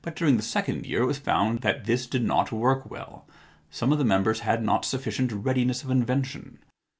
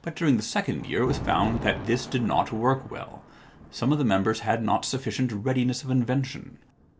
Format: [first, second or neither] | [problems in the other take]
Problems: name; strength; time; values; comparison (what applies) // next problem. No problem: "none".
first | background sound (Thunder); 14 dB below the speech